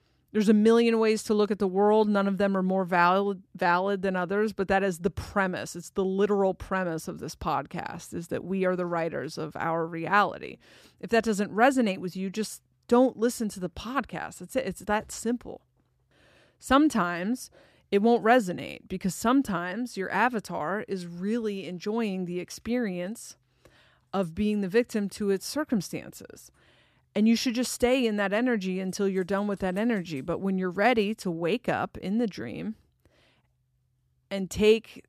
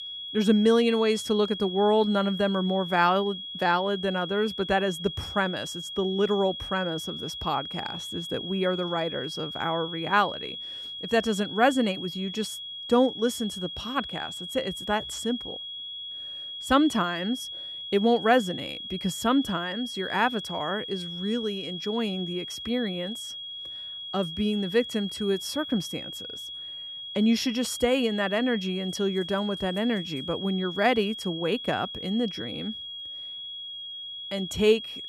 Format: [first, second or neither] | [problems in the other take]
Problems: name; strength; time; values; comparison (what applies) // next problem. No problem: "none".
first | high-pitched whine; loud; throughout; 3.5 kHz, 8 dB below the speech